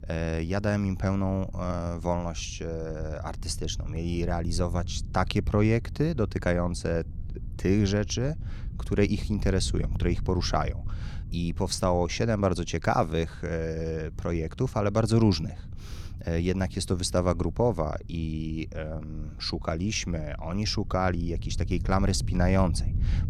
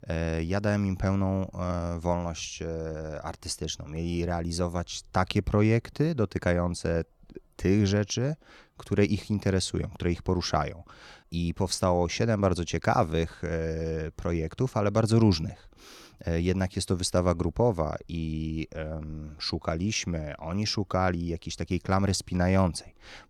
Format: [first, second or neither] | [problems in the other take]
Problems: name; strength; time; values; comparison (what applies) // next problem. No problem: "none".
second | low rumble; faint; throughout; 20 dB below the speech